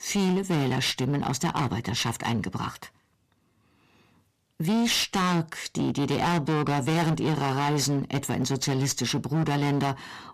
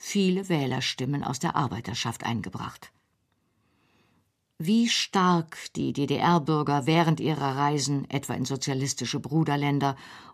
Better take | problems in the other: second | distortion; heavy; 21% of the sound clipped

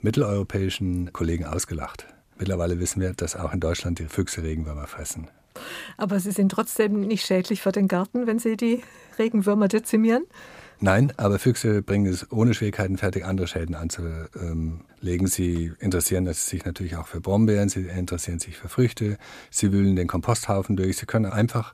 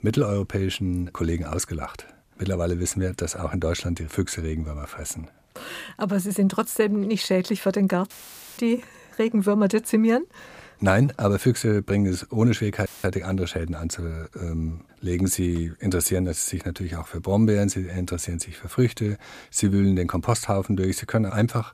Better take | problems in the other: first | audio cutting out; filled with static; at 8 s and at 13 s

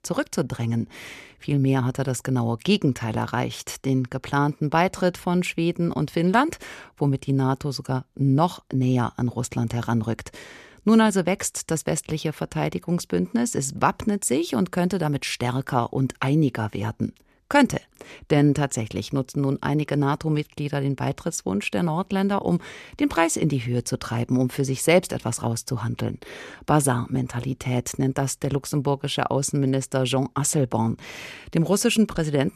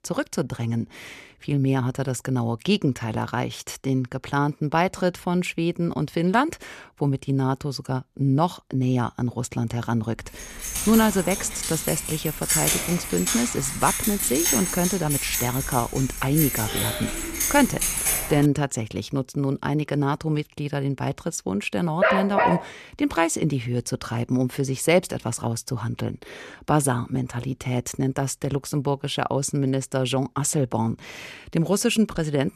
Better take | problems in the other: first | jangling keys; loud; from 10 to 18 s; peak 5 dB above the speech // dog barking; loud; at 22 s; peak 4 dB above the speech

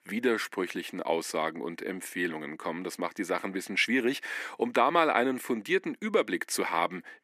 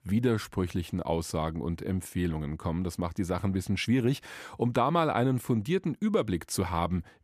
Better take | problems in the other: second | thin; somewhat; fading below 250 Hz

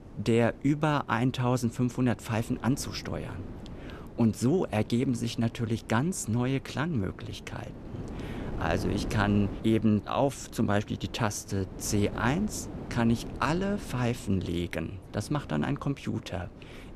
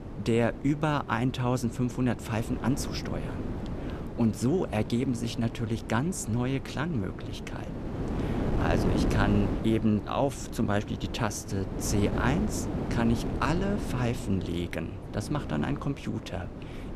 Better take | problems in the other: first | wind noise on the microphone; heavy; 7 dB below the speech; occasional gusts in the first

